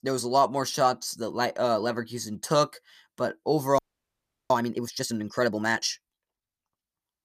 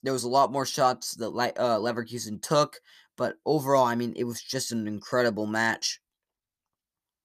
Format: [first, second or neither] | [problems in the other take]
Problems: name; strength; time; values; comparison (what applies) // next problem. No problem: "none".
second | audio freezing; at 4 s for 0.5 s